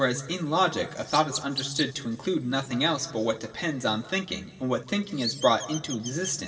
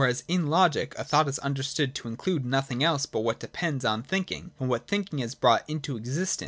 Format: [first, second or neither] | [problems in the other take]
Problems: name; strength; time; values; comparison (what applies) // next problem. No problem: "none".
second | background sound (Chirp, tweet); 14 dB below the speech // room echo; dies away in 1.7 s